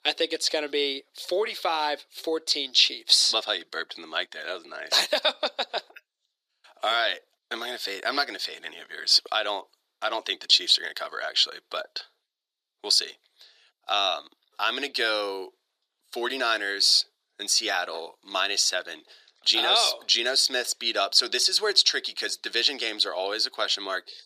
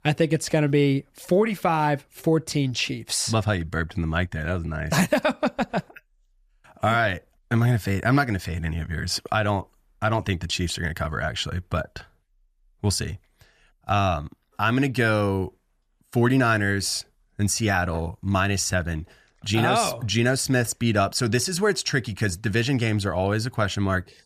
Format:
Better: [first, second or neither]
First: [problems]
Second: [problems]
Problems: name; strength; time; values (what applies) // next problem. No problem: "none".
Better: second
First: thin; very; fading below 350 Hz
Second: none